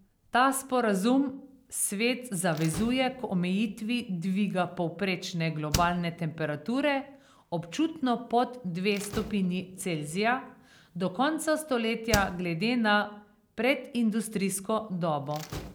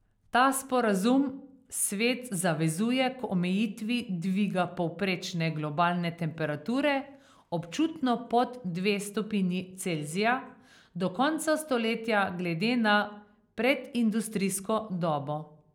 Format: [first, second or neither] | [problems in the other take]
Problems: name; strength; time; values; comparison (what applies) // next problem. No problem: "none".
second | background sound (Slam); 15 dB below the speech